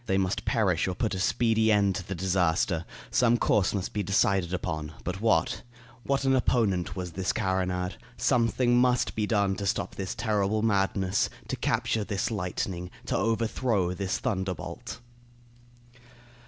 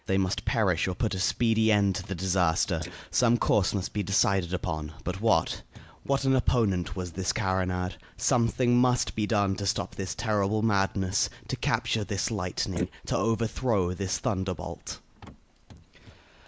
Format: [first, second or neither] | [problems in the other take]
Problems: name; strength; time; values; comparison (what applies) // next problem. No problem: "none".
first | noise reduction (neural mask model Resemble Enhance denoiser)